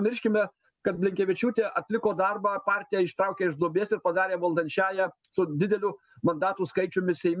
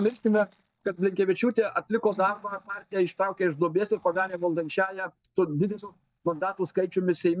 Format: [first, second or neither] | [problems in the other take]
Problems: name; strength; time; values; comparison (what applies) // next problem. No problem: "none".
first | noise reduction (neural mask model DeepFilterNet 3)